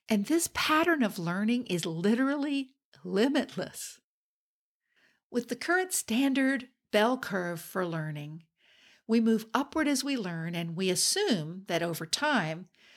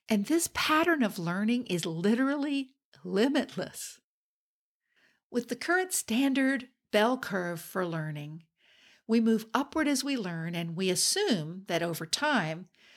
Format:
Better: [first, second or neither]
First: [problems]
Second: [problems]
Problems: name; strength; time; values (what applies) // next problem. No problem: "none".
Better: neither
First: none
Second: none